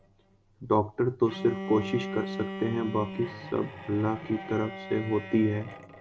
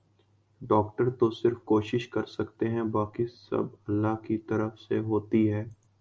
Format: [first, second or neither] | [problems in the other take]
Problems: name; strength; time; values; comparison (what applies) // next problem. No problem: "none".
second | background sound (Bowed string instrument); 10 dB below the speech